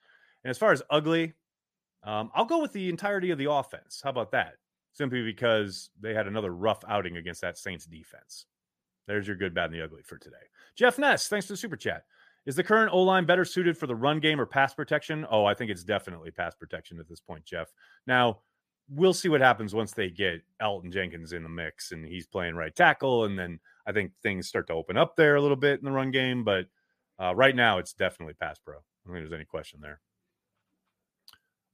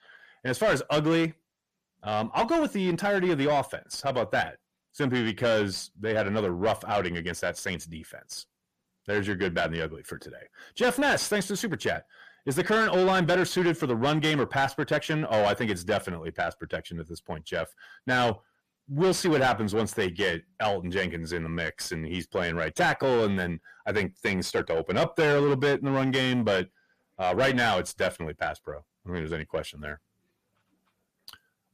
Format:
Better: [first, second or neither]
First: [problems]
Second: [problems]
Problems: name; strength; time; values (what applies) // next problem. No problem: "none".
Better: first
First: none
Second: distortion; heavy; 6 dB below the speech